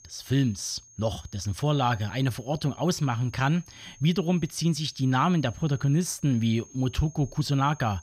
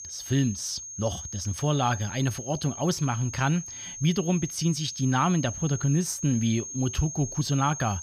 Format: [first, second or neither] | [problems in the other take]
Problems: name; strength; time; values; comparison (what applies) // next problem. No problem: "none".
first | high-pitched whine; loud; throughout; 6.5 kHz, 9 dB below the speech; faint in the first